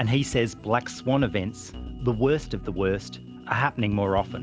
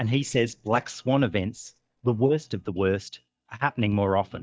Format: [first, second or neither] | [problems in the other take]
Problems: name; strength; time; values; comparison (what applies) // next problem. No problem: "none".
first | noise reduction (neural mask model DeepFilterNet 3)